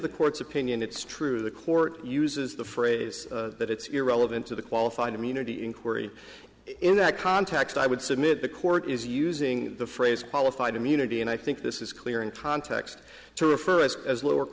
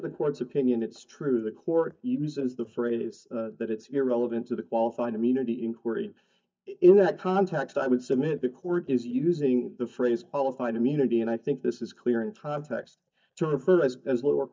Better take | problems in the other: first | noise reduction (neural mask model DeepFilterNet 3)

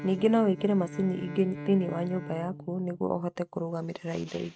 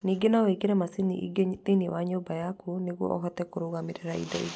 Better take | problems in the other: second | noise reduction (neural mask model RNNoise)

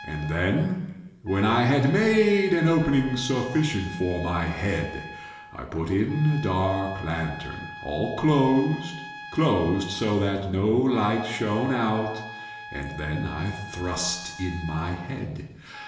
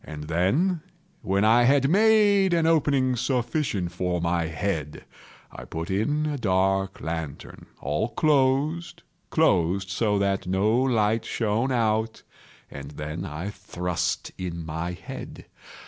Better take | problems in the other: second | background sound (Trumpet); 15 dB below the speech // room echo; dies away in 1 s

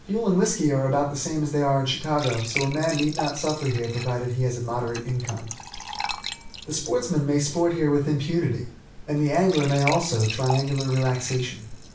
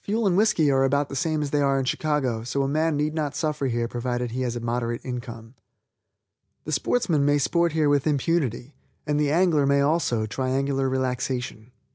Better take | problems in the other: second | background sound (Fill (with liquid) / Trickle, dribble / Glass); 12 dB below the speech // room echo; dies away in 0.3 s

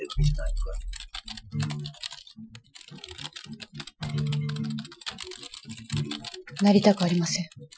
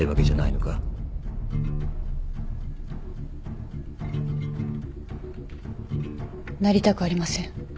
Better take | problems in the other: second | noise reduction (classical method Wiener filter)

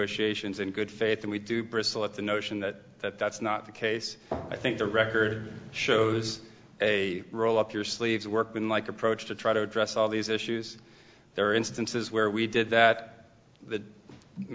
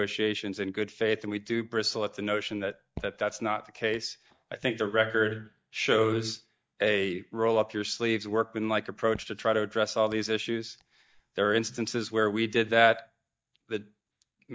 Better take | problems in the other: first | noise reduction (neural mask model DeepFilterNet 3)

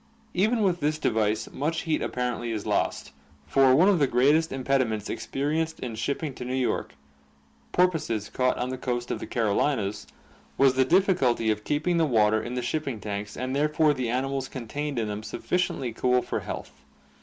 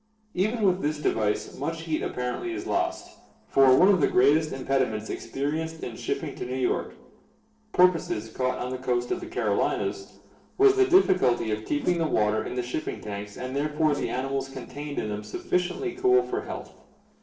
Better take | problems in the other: first | noise reduction (neural separator model SepFormer DNS4)

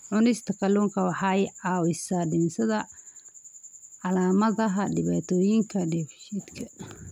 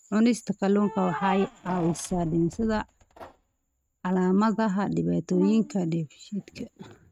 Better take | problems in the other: first | noise reduction (neural mask model RNNoise)

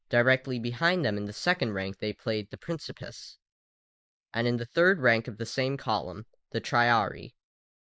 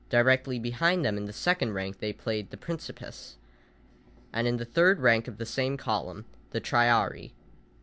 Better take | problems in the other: second | noise reduction (neural mask model Resemble Enhance denoiser)

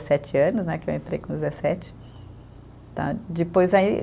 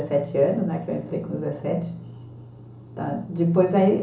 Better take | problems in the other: first | room echo; dies away in 0.8 s

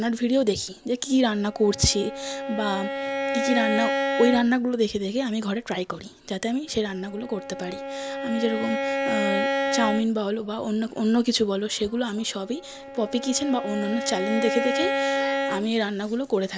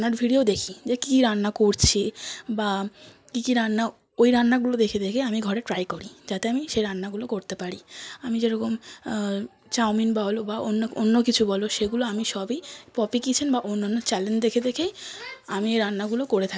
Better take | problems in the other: second | background sound (Bowed string instrument); 5 dB below the speech

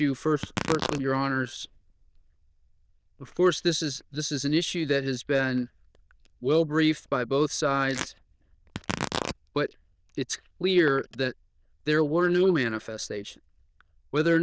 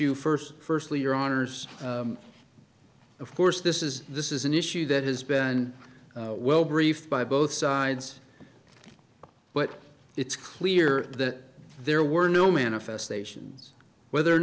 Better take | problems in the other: second | noise reduction (neural diffusion model UNIVERSE++)

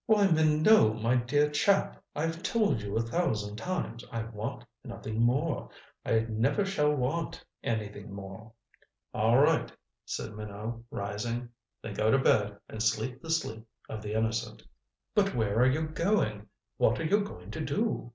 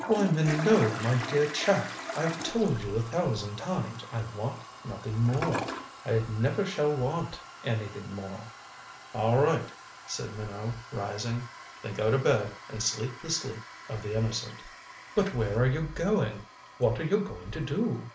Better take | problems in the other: first | background sound (Toilet flush); 12 dB below the speech

